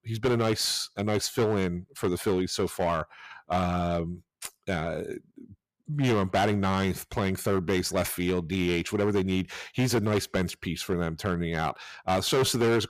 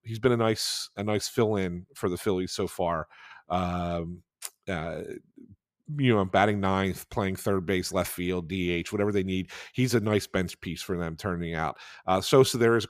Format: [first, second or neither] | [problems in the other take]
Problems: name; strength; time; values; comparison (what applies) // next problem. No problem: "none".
second | distortion; heavy; 9% of the sound clipped